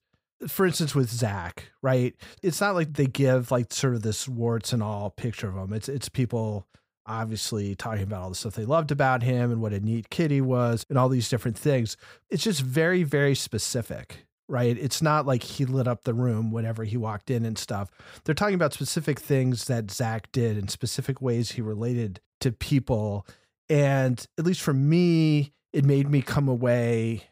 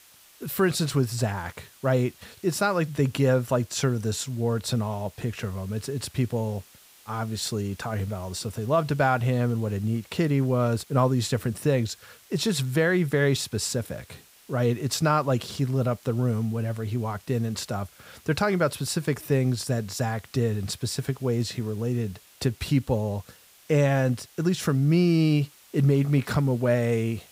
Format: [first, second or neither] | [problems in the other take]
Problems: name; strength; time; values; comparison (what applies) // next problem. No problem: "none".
first | hiss; faint; throughout; 25 dB below the speech